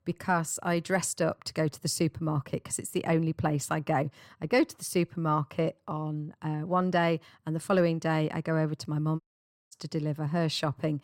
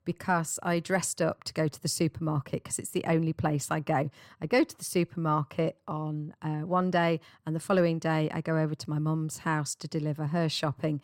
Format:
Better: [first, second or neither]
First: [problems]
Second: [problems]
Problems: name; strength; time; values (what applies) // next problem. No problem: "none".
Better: second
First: audio cutting out; at 9 s for 0.5 s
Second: none